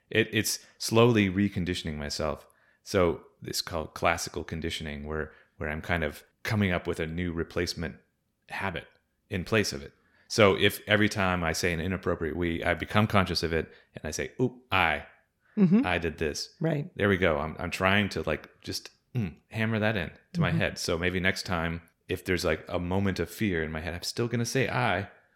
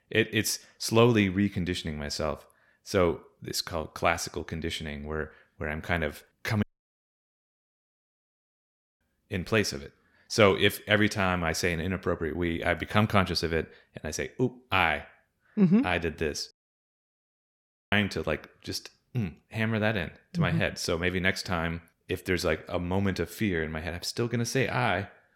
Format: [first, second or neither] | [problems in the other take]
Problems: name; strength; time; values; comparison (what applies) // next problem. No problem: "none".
first | audio cutting out; at 6.5 s for 2.5 s and at 17 s for 1.5 s